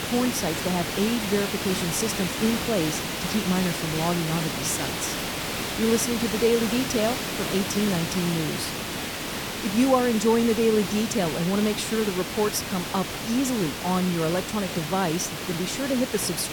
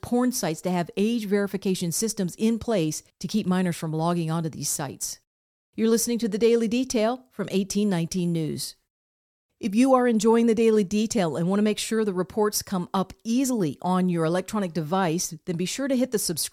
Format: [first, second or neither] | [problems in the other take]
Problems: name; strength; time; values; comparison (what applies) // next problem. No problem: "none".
second | hiss; loud; throughout; 3 dB below the speech